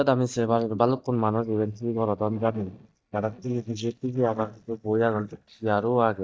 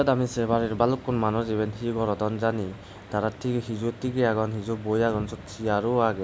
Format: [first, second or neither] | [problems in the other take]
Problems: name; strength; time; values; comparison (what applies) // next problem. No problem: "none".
second | noise reduction (neural mask model DeepFilterNet 3)